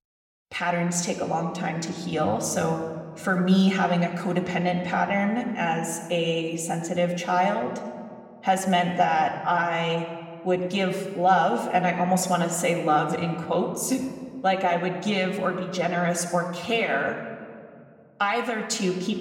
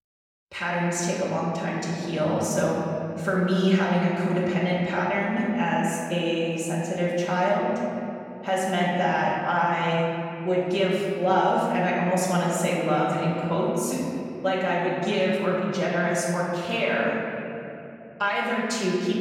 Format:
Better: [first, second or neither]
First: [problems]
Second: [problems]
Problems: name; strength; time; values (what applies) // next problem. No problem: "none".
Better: first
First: room echo; slight; dies away in 1.5 s // off-mic speech; somewhat distant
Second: room echo; strong; dies away in 2.8 s // off-mic speech; far